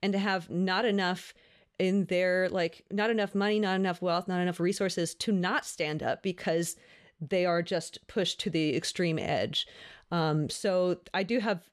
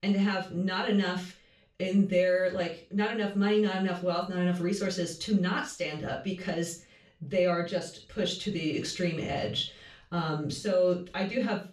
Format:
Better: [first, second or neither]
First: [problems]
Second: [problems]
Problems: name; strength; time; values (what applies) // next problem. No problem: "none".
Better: first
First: none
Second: room echo; slight; dies away in 0.3 s // off-mic speech; far